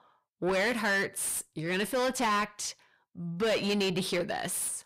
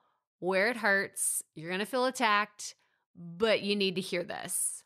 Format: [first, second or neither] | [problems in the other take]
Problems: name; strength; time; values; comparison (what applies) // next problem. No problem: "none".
second | distortion; heavy; 6 dB below the speech